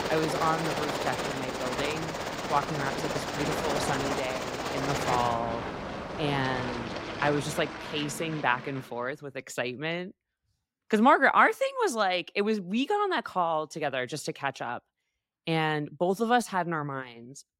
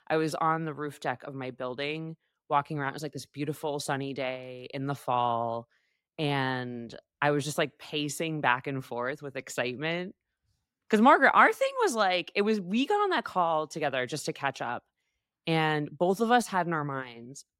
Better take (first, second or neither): second